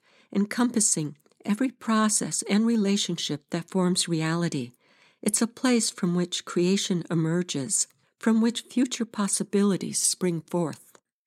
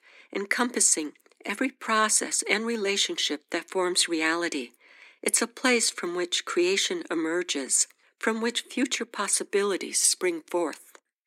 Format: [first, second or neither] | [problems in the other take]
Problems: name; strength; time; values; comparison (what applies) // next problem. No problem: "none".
first | thin; somewhat; fading below 300 Hz